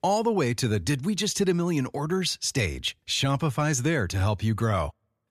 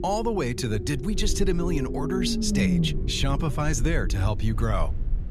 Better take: first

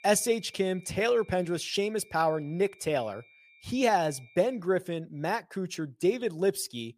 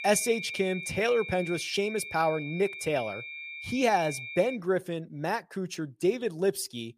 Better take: first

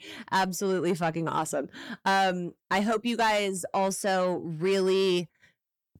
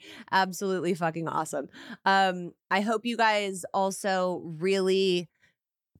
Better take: second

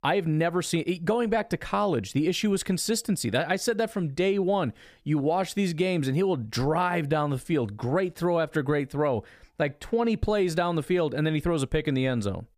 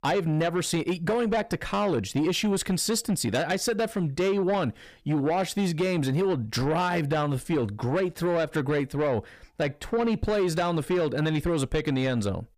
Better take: first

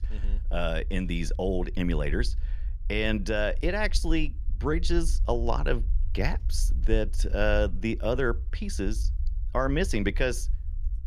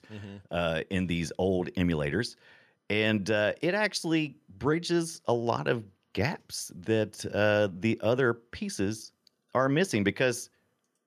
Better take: second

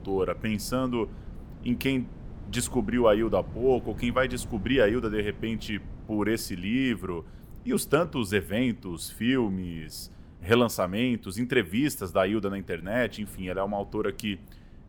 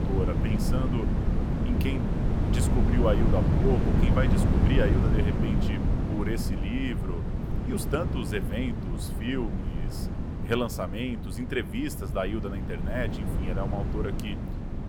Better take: first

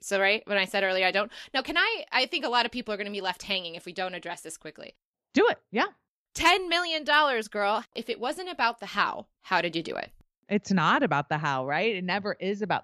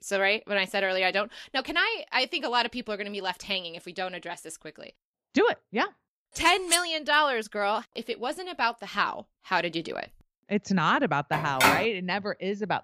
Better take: first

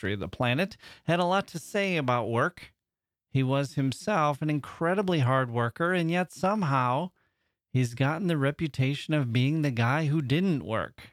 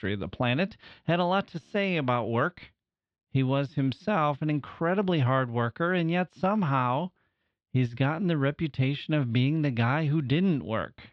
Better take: first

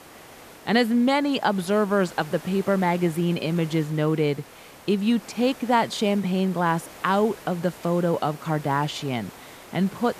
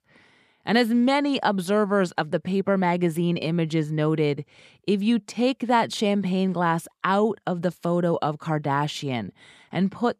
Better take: second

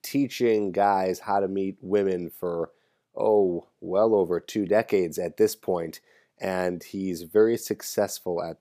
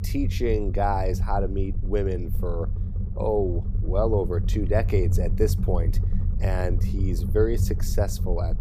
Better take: first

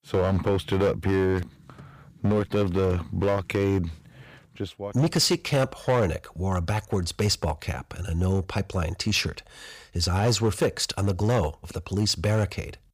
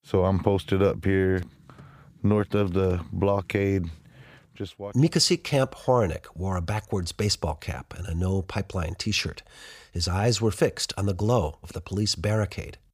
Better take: second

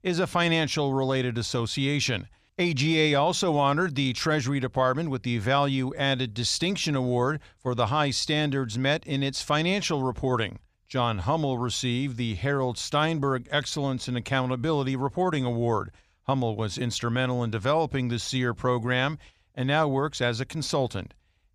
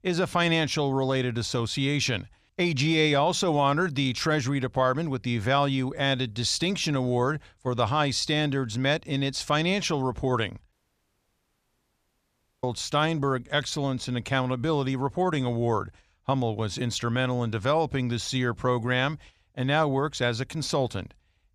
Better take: first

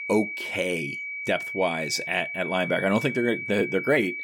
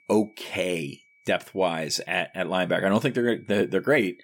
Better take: second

